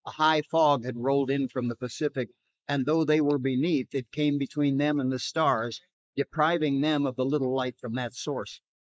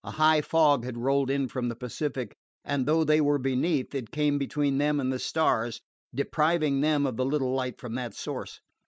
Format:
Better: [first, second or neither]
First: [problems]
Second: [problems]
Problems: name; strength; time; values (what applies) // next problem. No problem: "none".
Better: second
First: noise reduction (neural mask model Resemble Enhance denoiser)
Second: none